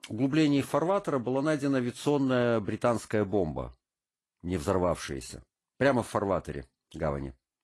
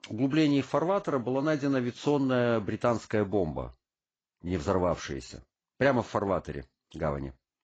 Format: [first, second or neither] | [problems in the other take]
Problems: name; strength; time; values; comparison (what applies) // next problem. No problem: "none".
first | garbled, watery; badly; nothing above 7.5 kHz; slightly in the first